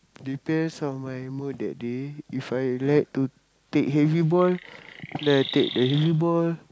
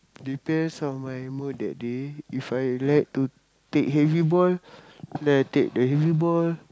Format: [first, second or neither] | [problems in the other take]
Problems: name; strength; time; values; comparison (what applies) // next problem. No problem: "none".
second | background sound (Chirp, tweet); 12 dB below the speech